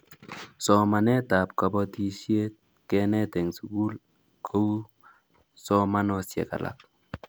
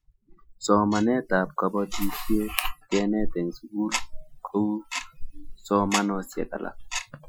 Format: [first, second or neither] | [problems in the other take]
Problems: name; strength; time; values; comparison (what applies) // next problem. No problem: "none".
first | noise reduction (classical method Wiener filter)